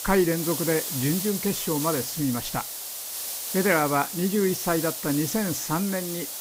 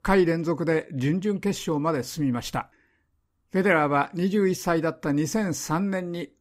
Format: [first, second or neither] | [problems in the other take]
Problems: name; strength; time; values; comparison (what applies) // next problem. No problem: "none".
second | hiss; loud; throughout; 4 dB below the speech